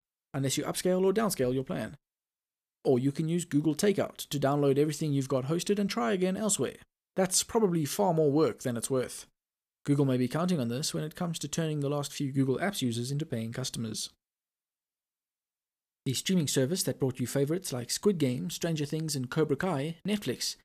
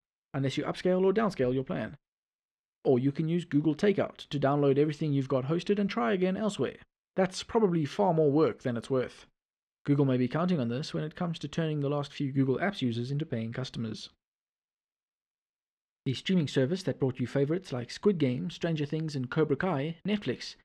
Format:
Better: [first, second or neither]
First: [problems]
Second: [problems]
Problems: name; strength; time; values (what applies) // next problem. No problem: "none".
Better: first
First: none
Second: muffled; slightly; fading above 2.5 kHz